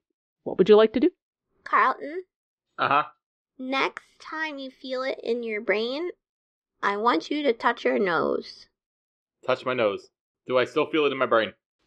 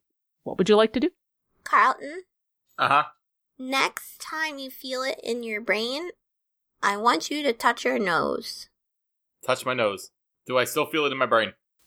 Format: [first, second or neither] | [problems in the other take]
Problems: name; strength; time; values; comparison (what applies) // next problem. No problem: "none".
second | muffled; very slightly; fading above 4 kHz